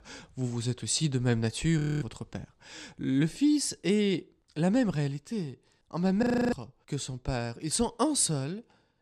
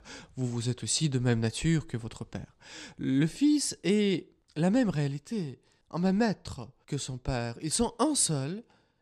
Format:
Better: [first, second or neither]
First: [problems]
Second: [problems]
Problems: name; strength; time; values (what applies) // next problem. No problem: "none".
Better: second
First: audio freezing; at 2 s and at 6 s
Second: none